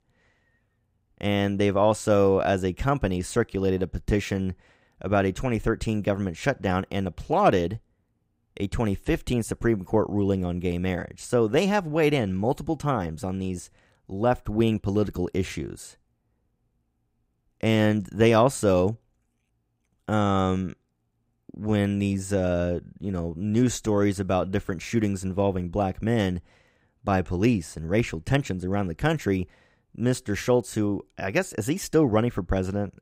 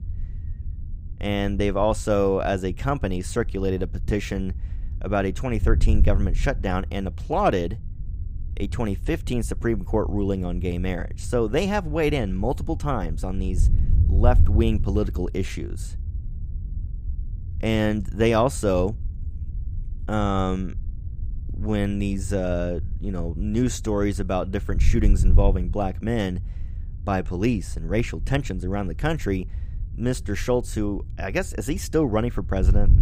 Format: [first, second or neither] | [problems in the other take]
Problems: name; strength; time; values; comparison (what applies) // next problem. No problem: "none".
first | wind noise on the microphone; occasional gusts; 20 dB below the speech